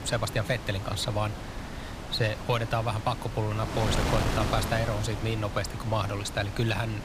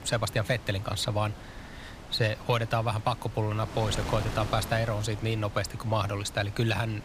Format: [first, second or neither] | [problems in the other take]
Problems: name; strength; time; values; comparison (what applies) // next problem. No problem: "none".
second | wind noise on the microphone; heavy; 6 dB below the speech; occasional gusts in the second